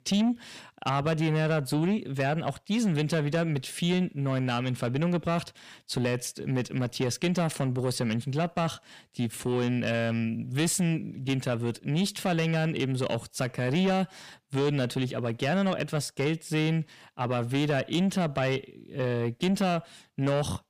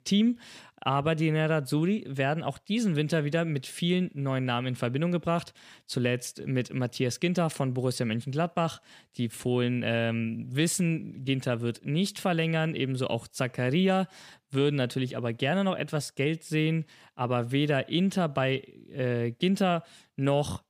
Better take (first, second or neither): second